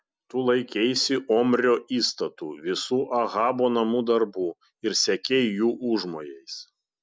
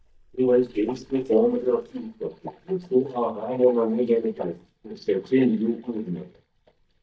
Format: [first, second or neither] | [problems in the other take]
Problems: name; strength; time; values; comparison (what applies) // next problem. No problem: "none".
first | noise reduction (neural mask model DeepFilterNet 3)